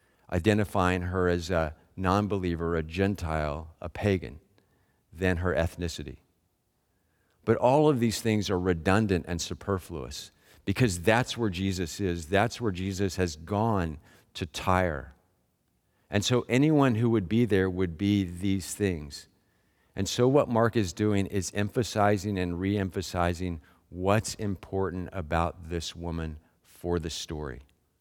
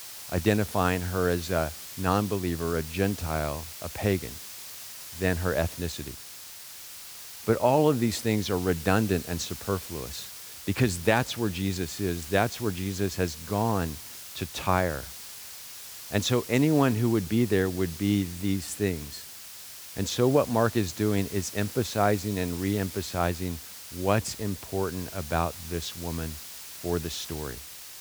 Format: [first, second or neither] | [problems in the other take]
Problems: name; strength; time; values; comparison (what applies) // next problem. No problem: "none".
first | hiss; noticeable; throughout; 10 dB below the speech